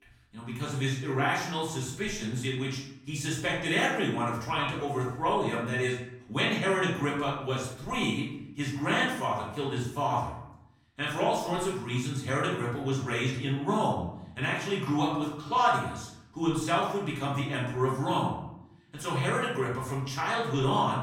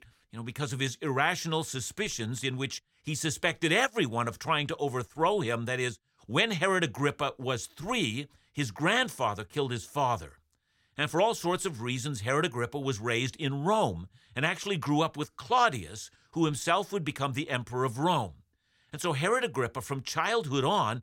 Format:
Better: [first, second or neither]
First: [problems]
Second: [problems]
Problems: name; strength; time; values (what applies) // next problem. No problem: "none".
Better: second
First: room echo; noticeable; dies away in 0.7 s // off-mic speech; far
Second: none